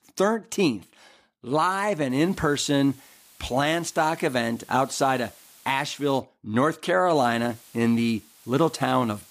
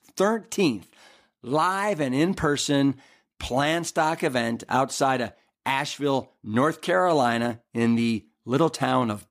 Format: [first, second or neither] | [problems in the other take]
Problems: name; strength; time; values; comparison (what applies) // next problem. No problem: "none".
second | hiss; faint; from 2 to 6 s and from 7 s on; 25 dB below the speech